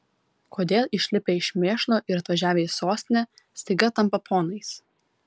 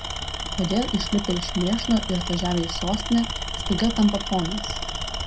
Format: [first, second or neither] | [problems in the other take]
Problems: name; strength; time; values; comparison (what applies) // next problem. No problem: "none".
first | background sound (Tools); 4 dB below the speech // room echo; dies away in 0.2 s